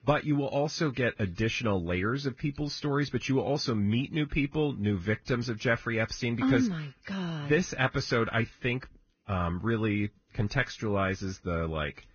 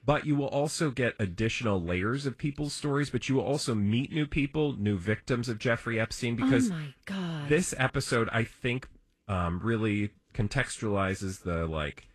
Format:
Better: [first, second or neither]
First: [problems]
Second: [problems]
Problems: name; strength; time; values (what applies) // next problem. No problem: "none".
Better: second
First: garbled, watery; badly; nothing above 6.5 kHz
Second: garbled, watery; slightly; nothing above 12 kHz